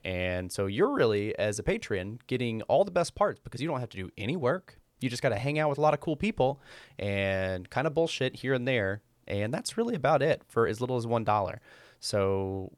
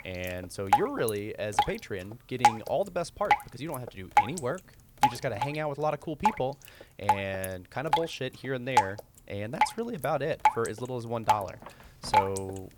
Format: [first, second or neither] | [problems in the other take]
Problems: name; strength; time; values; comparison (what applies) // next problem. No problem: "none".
first | rain or running water; very loud; throughout; 5 dB above the speech